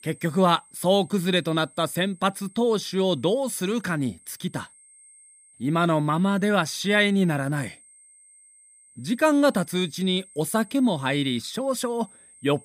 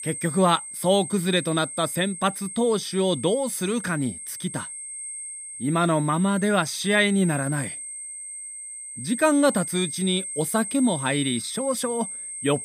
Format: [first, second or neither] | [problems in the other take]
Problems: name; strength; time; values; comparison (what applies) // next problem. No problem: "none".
first | high-pitched whine; loud; throughout; 8.5 kHz, 8 dB below the speech; faint in the first